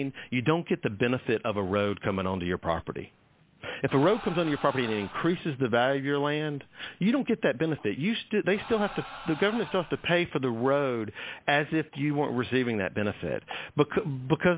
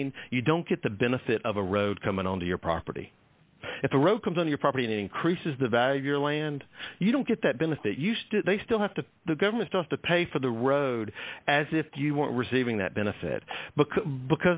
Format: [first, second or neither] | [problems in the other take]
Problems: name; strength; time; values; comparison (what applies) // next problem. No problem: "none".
second | background sound (Crowd); 14 dB below the speech